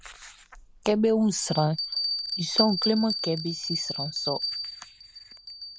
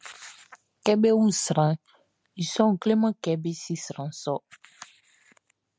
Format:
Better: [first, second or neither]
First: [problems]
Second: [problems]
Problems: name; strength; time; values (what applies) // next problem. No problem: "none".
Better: second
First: background sound (Bell); 5 dB below the speech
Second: none